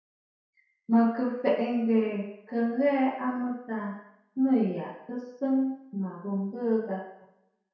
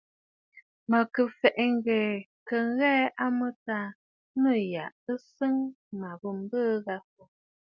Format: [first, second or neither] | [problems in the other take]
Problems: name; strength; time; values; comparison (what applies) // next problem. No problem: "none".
second | room echo; dies away in 0.7 s